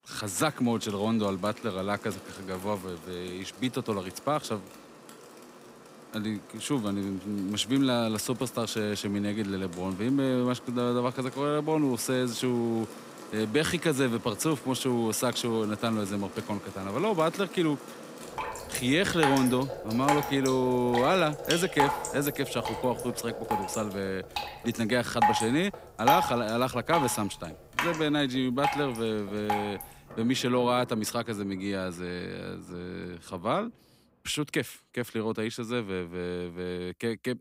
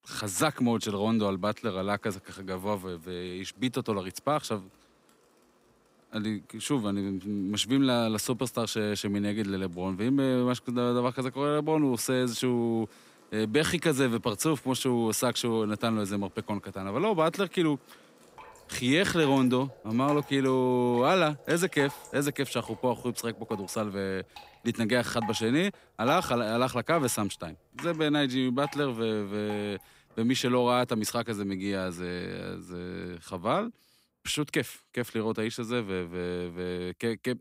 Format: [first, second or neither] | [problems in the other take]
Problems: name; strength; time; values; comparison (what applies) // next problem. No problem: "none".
second | rain or running water; loud; throughout; 6 dB below the speech; faint in the second